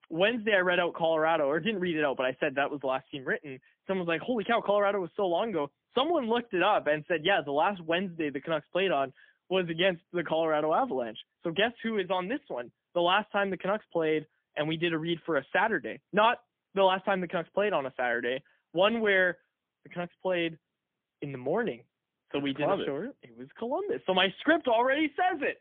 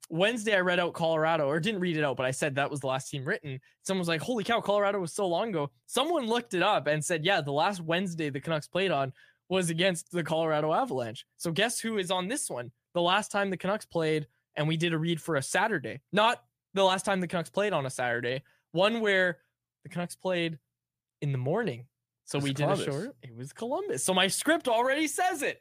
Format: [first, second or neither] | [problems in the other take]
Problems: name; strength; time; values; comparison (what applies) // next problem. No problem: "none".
second | phone-call audio; poor line; nothing above 3.5 kHz